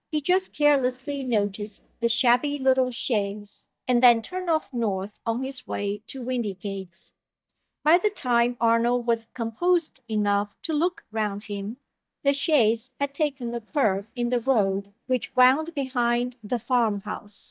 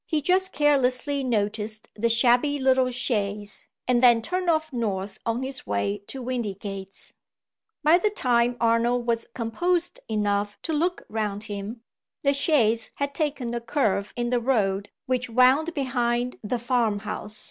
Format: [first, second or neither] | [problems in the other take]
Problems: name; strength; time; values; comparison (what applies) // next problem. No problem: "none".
second | noise reduction (neural mask model DeepFilterNet 3)